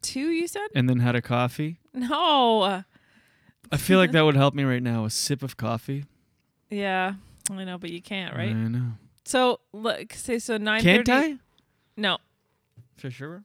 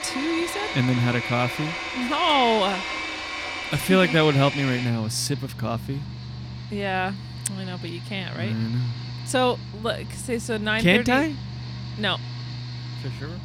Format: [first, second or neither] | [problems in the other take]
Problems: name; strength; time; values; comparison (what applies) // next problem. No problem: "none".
first | machinery noise; loud; throughout; 7 dB below the speech